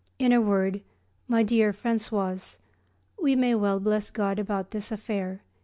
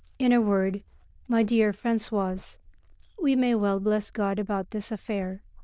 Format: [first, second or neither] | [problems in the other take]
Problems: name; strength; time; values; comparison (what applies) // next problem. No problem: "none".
first | noise reduction (neural diffusion model UNIVERSE++)